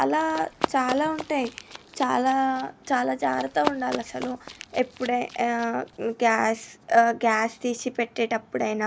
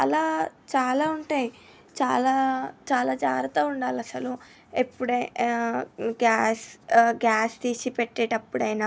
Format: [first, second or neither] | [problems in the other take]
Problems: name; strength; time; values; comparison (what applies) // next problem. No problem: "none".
second | background sound (Run); 12 dB below the speech